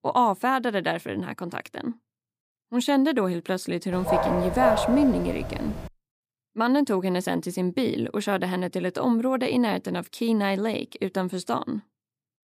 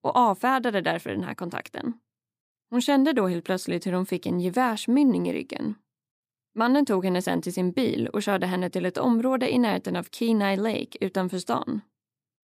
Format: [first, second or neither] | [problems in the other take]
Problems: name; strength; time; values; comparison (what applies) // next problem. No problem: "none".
second | dog barking; loud; from 4 to 6 s; peak 3 dB above the speech